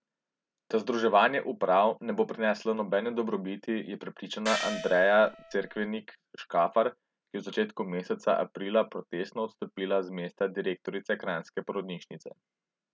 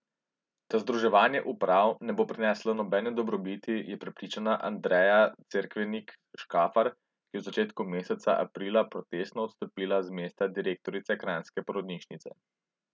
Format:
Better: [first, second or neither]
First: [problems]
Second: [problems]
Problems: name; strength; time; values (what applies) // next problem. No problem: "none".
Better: second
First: background sound (Gong); 8 dB below the speech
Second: none